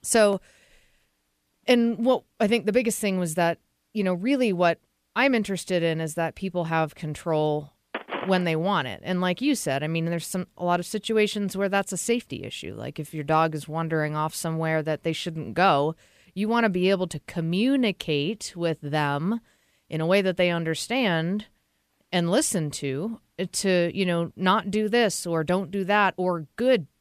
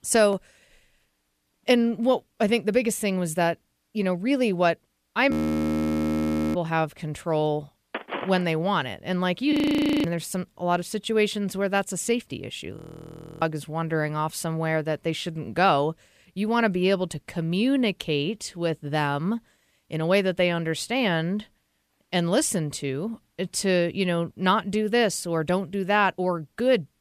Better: first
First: none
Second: audio freezing; at 5.5 s for 1 s, at 9.5 s for 0.5 s and at 13 s for 0.5 s

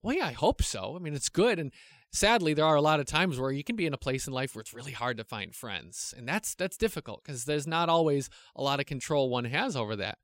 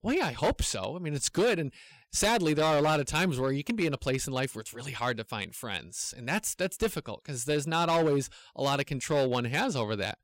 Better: first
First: none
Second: distortion; slight; 7% of the sound clipped

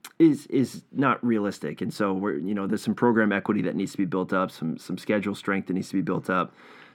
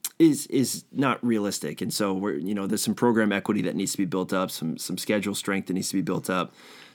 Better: second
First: muffled; slightly; fading above 3.5 kHz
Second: none

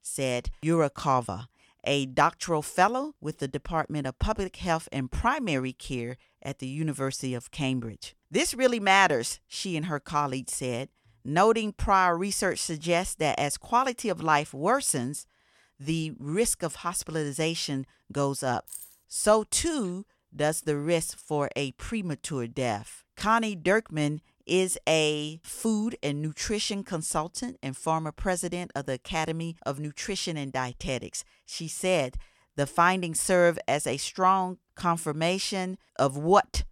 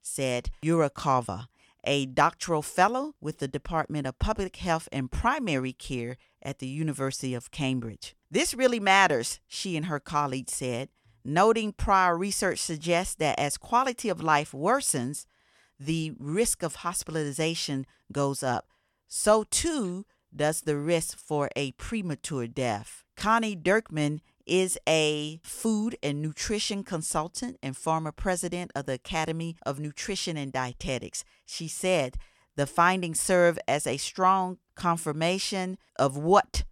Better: second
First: jangling keys; faint; at 19 s; peak 15 dB below the speech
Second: none

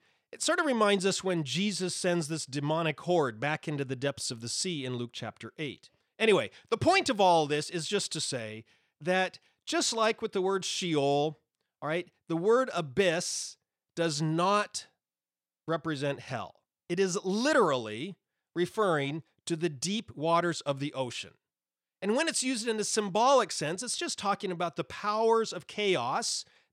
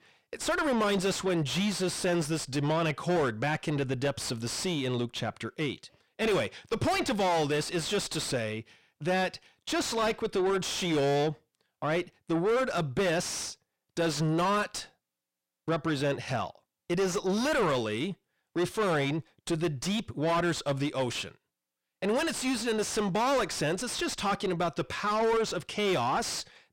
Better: first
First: none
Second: distortion; heavy; 6 dB below the speech

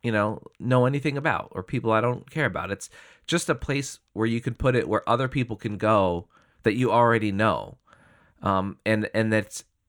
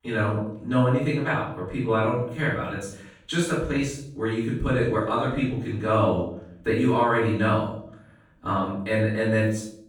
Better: first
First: none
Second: off-mic speech; far // room echo; noticeable; dies away in 0.6 s

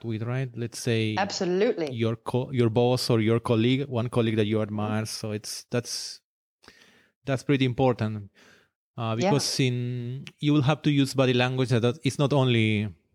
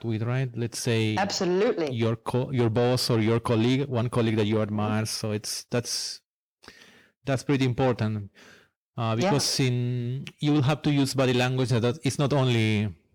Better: first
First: none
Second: distortion; slight; 10 dB below the speech

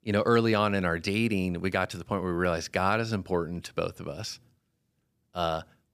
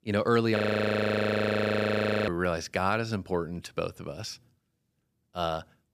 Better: first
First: none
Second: audio freezing; at 0.5 s for 1.5 s

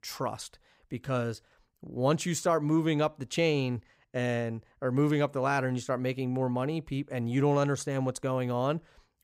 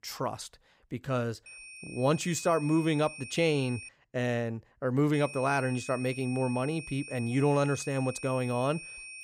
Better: first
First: none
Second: high-pitched whine; noticeable; from 1.5 to 4 s and from 5 s on; 2.5 kHz, 15 dB below the speech

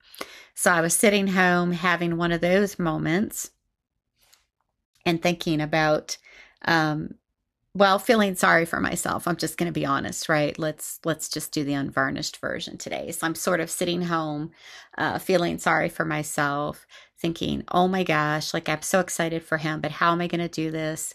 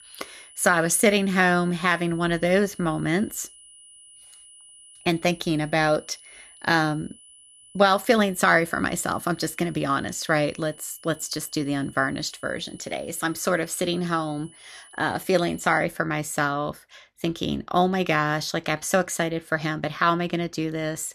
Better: first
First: none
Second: high-pitched whine; faint; until 16 s; 10 kHz, 25 dB below the speech

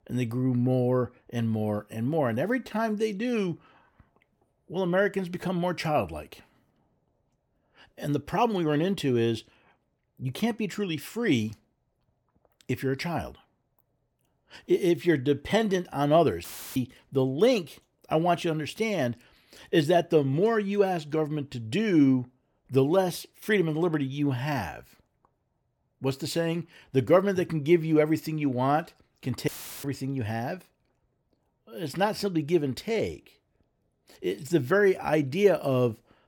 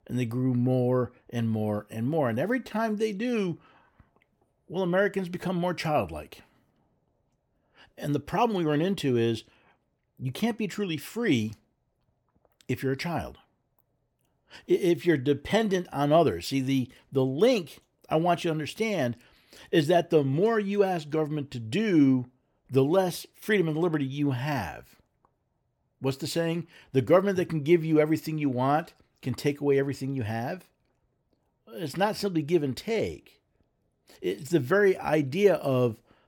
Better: second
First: audio cutting out; filled with static; at 16 s and at 29 s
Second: none

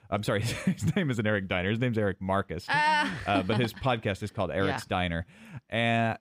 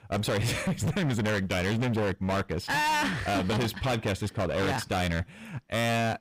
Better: first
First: none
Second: distortion; heavy; 32% of the sound clipped

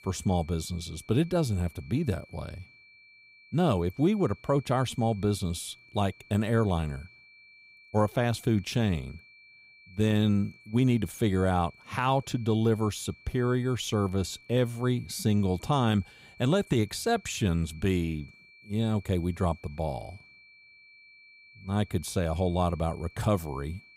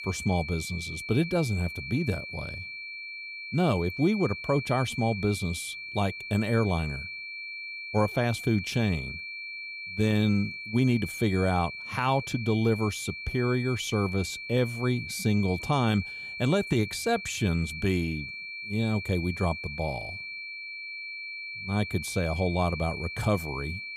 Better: first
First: high-pitched whine; faint; throughout; 2.5 kHz, 25 dB below the speech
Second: high-pitched whine; loud; throughout; 2.5 kHz, 8 dB below the speech

